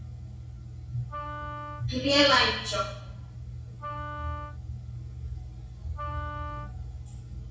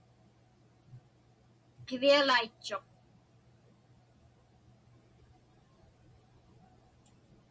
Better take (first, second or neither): second